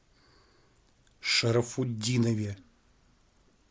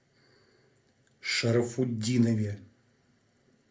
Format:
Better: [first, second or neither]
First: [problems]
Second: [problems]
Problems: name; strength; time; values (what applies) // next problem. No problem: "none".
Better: first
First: none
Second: room echo; dies away in 0.3 s